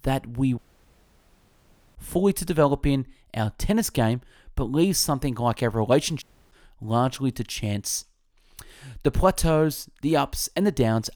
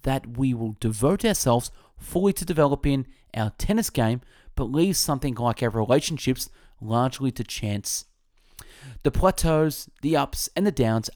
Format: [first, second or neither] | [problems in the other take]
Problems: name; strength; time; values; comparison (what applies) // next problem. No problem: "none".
second | audio cutting out; at 0.5 s for 1.5 s and at 6 s